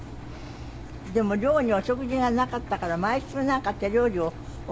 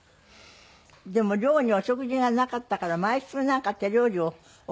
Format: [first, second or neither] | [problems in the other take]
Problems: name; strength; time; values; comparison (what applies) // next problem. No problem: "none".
second | background sound (Engine); 12 dB below the speech